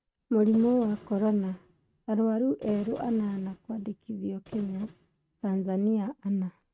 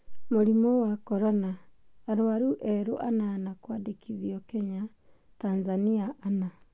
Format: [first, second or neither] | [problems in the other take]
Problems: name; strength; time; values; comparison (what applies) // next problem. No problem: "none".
second | noise reduction (neural mask model RNNoise)